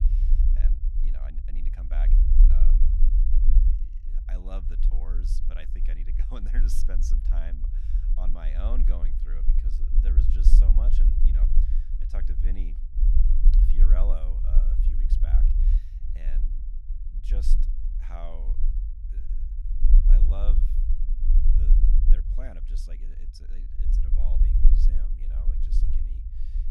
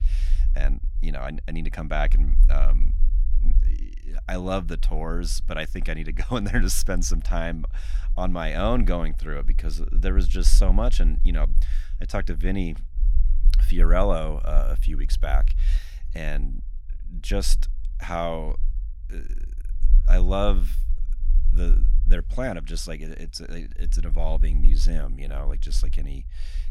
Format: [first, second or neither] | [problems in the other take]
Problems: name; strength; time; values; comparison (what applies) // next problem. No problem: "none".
second | low rumble; loud; throughout; 2 dB below the speech; faint in the second